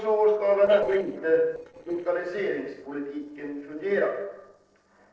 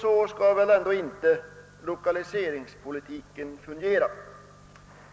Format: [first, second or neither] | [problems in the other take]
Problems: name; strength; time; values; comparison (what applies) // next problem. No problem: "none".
second | noise reduction (neural separator model SepFormer DNS4)